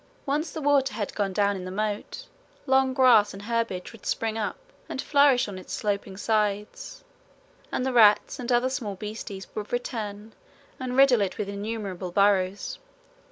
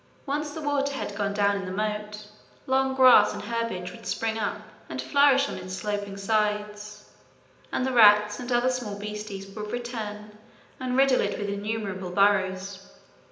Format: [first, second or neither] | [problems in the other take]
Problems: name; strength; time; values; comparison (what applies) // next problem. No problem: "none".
first | room echo; dies away in 0.9 s